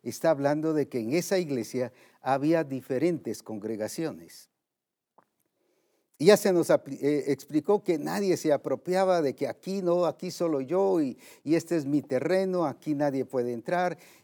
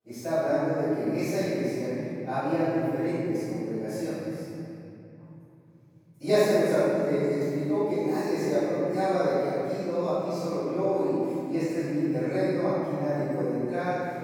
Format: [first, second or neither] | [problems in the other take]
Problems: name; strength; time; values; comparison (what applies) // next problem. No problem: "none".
first | room echo; strong; dies away in 3 s // off-mic speech; far